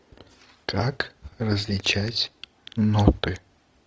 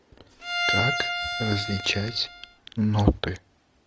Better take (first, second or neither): first